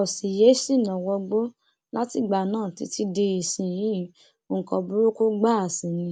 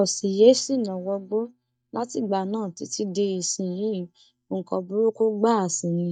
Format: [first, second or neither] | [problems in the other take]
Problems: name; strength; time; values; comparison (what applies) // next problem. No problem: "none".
first | noise reduction (neural mask model DeepFilterNet 3)